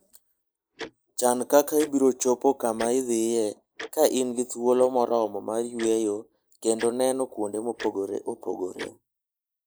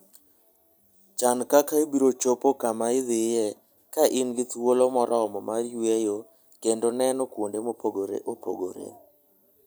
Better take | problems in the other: second | noise reduction (neural mask model Resemble Enhance denoiser)

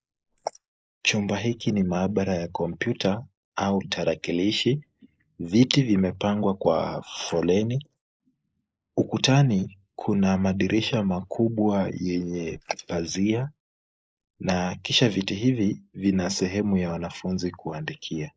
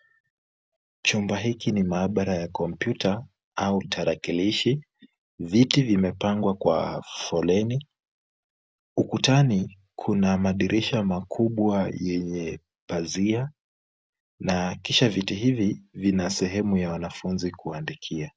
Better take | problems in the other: second | noise reduction (neural mask model Resemble Enhance denoiser)

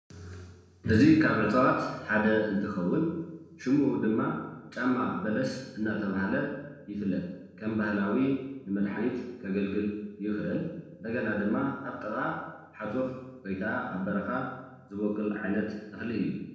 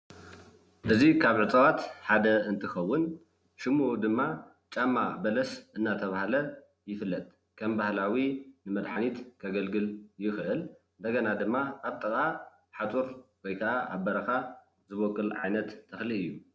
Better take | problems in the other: second | room echo; dies away in 1 s

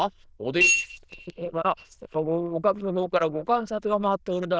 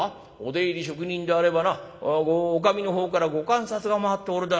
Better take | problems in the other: second | noise reduction (neural diffusion model UNIVERSE++)

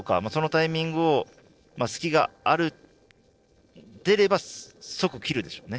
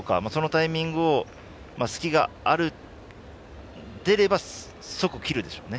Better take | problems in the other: second | noise reduction (neural separator model SepFormer DNS4)

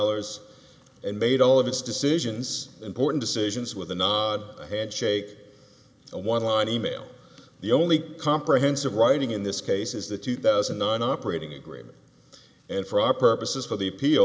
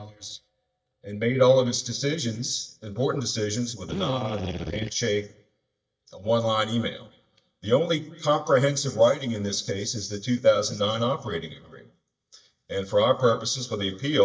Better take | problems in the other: first | noise reduction (neural mask model DeepFilterNet 3)

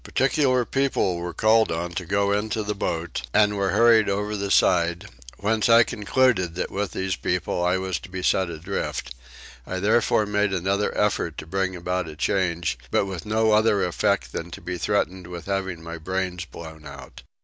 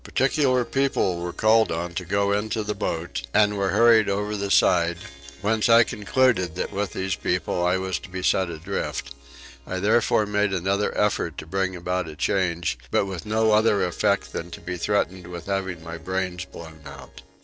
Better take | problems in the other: first | noise reduction (neural separator model SepFormer DNS4)

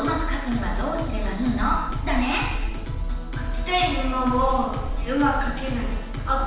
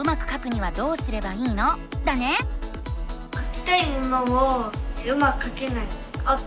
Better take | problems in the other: second | background sound (Wind); 13 dB below the speech // room echo; dies away in 1 s

